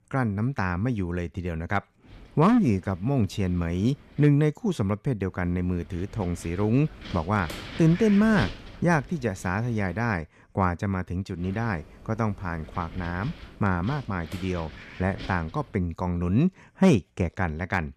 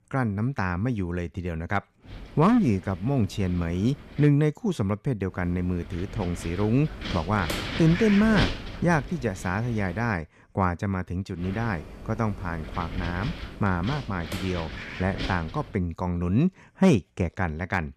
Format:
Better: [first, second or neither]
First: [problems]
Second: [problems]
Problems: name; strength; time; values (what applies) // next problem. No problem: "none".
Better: first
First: wind noise on the microphone; occasional gusts; from 2 to 4.5 s, from 5.5 to 10 s and from 11 to 16 s; 15 dB below the speech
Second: wind noise on the microphone; heavy; from 2 to 4.5 s, from 5.5 to 10 s and from 11 to 16 s; 6 dB below the speech